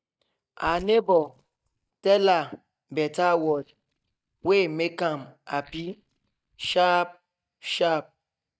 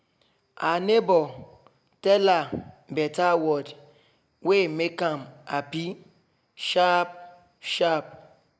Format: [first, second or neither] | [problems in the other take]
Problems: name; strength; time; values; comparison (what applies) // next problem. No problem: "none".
second | noise reduction (neural mask model DeepFilterNet 3)